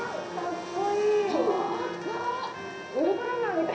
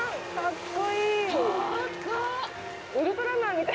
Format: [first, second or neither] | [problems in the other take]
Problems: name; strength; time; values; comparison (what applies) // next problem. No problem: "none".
second | background sound (Trumpet); 16 dB below the speech // room echo; dies away in 0.7 s